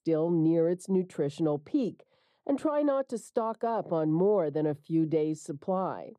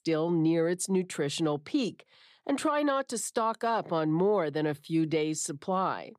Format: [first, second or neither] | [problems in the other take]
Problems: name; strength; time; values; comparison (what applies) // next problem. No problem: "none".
second | muffled; slightly; fading above 1 kHz